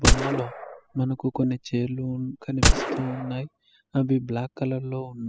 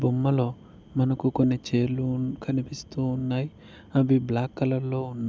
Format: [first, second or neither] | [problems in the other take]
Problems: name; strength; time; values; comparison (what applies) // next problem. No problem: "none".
second | noise reduction (classical method spectral subtraction)